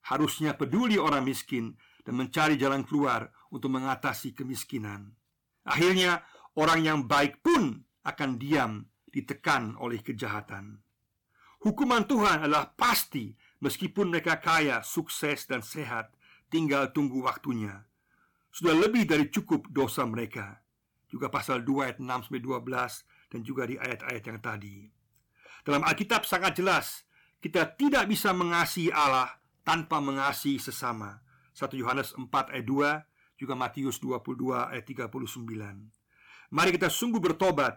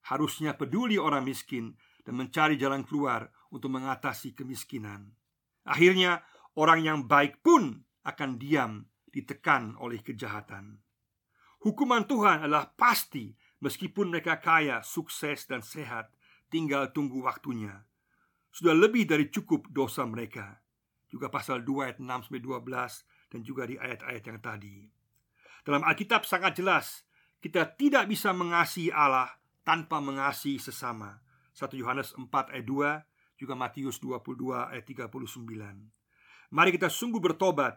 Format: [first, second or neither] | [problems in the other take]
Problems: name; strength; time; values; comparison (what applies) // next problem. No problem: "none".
second | distortion; heavy; 5% of the sound clipped